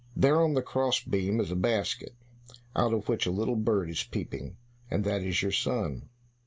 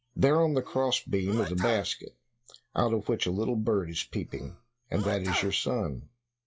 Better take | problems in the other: first | noise reduction (classical method log-MMSE)

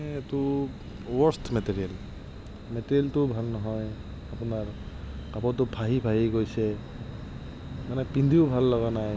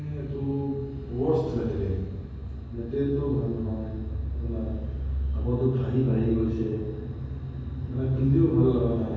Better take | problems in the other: first | room echo; dies away in 1.3 s

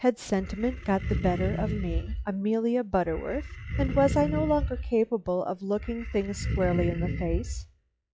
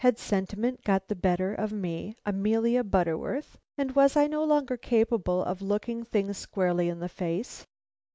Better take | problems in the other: second | noise reduction (classical method log-MMSE)

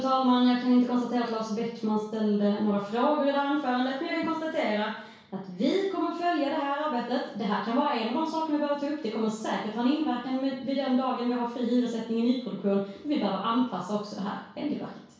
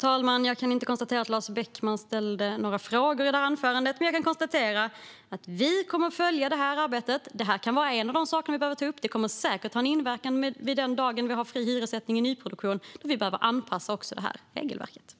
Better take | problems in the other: second | room echo; dies away in 0.6 s

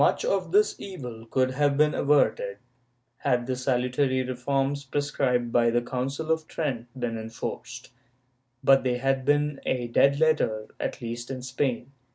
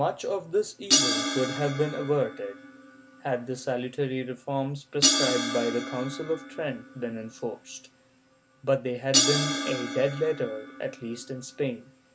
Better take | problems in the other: first | background sound (Crash cymbal); 1 dB below the speech

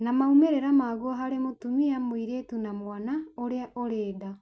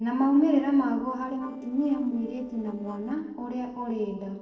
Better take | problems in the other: first | noise reduction (neural separator model SepFormer DNS4)

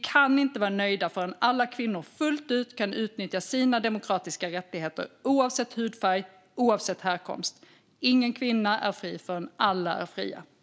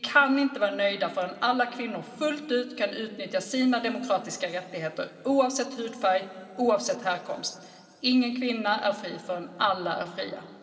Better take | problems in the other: first | room echo; dies away in 2.3 s

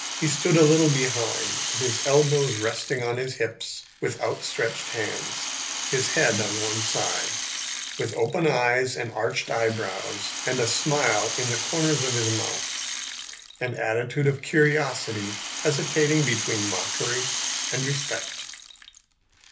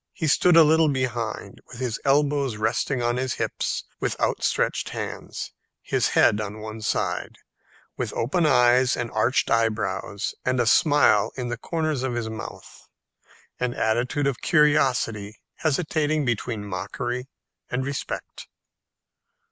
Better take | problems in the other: second | background sound (Rattle (instrument)); 5 dB below the speech // room echo; dies away in 0.3 s

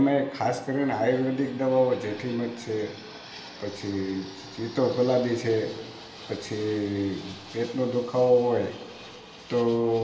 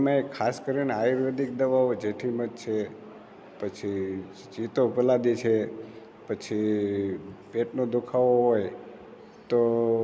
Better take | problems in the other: second | background sound (Fixed-wing aircraft, airplane); 20 dB below the speech // room echo; dies away in 1 s

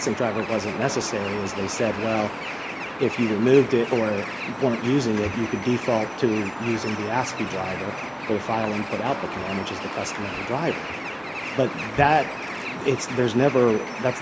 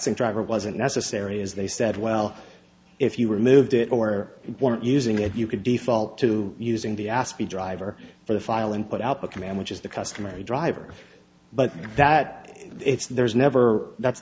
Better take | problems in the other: second | background sound (Bird); 7 dB below the speech

